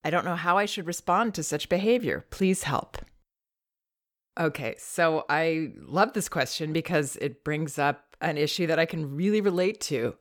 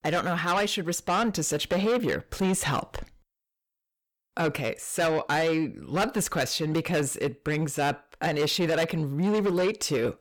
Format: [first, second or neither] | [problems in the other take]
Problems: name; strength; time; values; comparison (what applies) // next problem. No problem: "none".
first | distortion; heavy; 8 dB below the speech